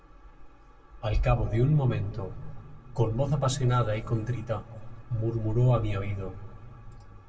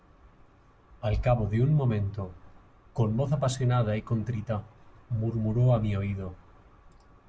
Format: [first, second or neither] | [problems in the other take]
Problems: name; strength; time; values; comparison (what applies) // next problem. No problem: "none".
second | room echo; dies away in 1.8 s